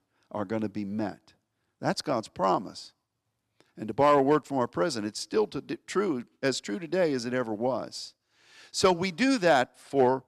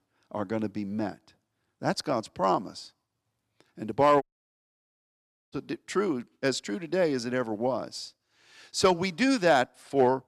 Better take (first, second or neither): first